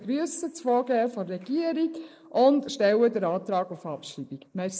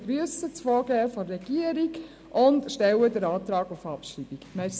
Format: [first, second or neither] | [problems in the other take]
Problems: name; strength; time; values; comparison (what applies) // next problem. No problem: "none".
second | noise reduction (neural mask model Resemble Enhance denoiser)